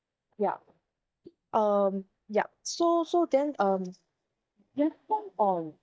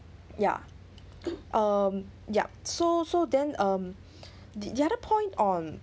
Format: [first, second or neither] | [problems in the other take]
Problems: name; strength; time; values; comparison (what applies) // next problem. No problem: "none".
second | noise reduction (neural mask model DeepFilterNet 3)